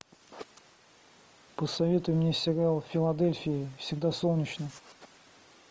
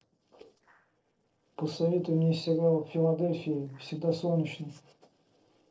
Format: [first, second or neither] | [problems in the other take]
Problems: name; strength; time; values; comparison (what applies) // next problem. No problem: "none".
first | noise reduction (neural separator model SepFormer DNS4)